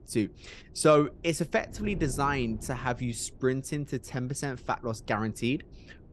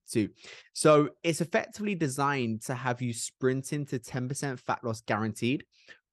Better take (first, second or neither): second